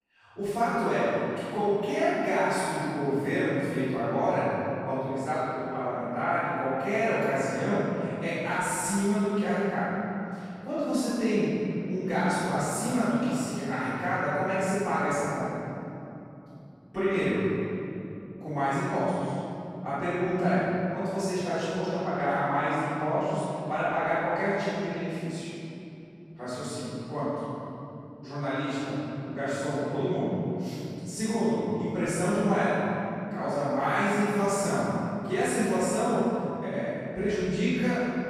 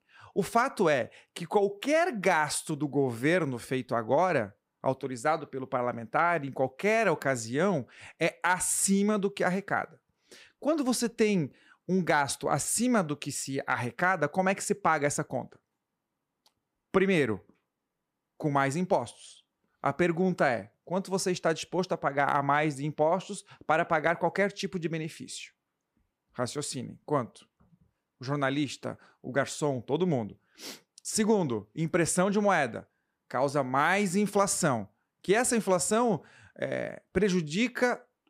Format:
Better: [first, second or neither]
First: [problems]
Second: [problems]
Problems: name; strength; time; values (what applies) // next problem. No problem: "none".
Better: second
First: off-mic speech; far // room echo; strong; dies away in 3 s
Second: none